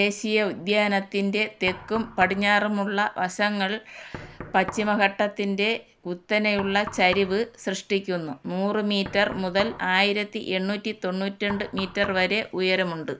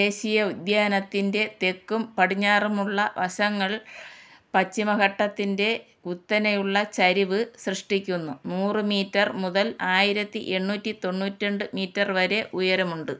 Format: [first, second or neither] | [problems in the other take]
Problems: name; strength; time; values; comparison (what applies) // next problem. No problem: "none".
second | background sound (Knock); 18 dB below the speech